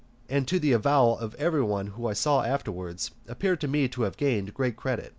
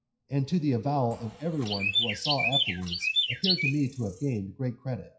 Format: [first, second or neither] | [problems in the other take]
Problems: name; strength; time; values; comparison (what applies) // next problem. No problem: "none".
first | noise reduction (classical method WPE with log-MMSE)